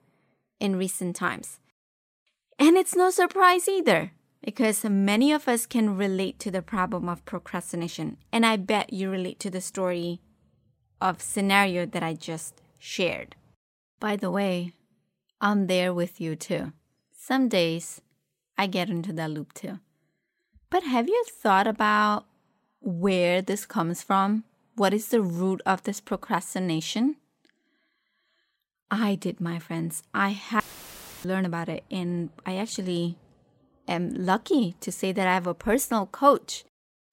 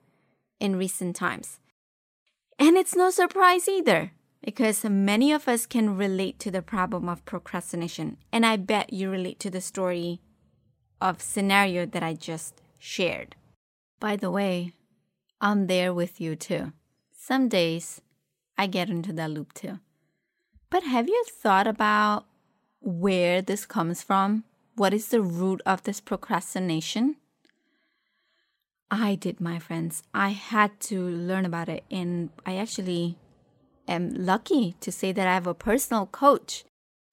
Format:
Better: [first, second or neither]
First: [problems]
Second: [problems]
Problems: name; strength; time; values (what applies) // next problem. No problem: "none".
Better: second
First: audio cutting out; filled with static; at 31 s for 0.5 s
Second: none